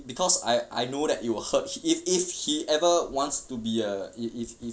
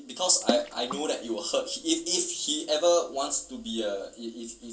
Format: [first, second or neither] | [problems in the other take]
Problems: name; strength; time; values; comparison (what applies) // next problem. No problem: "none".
first | background sound (Water / Splash, splatter); 10 dB below the speech // room echo; dies away in 0.2 s